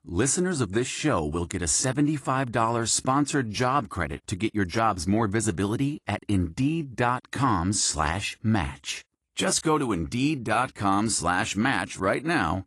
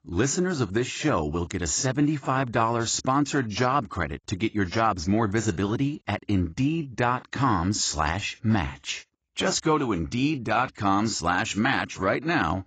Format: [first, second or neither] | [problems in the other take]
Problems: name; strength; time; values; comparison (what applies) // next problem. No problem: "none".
first | garbled, watery; badly; nothing above 7.5 kHz; slightly in the first